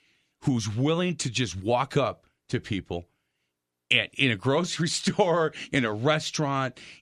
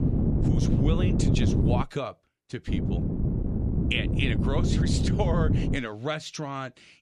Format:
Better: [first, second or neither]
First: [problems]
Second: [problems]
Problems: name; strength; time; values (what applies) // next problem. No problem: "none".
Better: first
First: none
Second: wind noise on the microphone; heavy; until 2 s and from 2.5 to 6 s; 2 dB below the speech